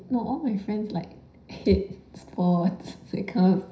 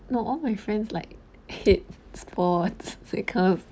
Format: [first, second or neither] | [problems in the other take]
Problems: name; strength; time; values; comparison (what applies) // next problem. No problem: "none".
second | room echo; dies away in 0.5 s